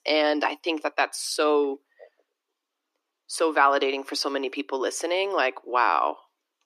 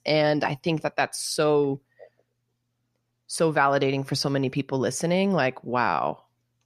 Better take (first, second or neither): second